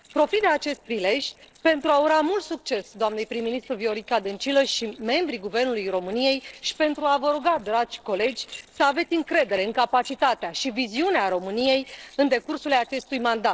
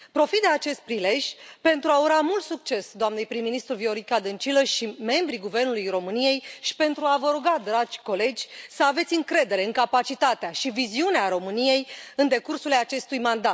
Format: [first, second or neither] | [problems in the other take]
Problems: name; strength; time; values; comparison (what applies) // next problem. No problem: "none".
second | noise reduction (neural separator model SepFormer DNS4)